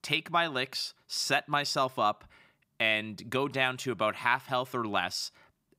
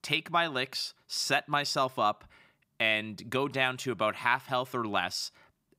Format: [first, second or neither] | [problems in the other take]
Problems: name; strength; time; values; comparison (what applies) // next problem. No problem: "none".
neither | none